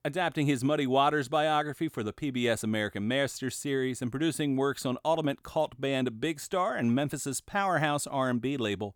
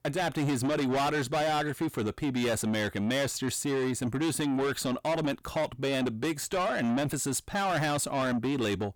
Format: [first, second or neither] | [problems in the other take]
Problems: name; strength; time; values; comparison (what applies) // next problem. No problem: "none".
first | distortion; heavy; 7 dB below the speech